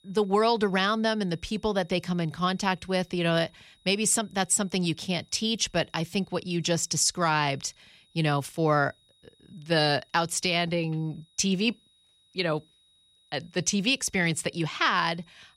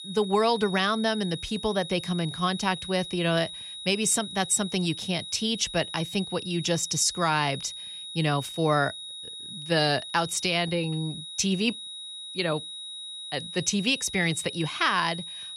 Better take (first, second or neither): first